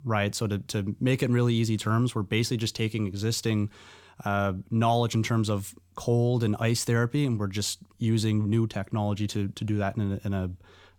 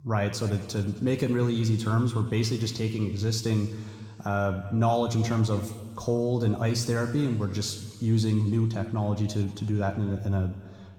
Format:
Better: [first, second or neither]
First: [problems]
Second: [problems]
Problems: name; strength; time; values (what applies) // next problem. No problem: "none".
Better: first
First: none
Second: room echo; slight; dies away in 1.6 s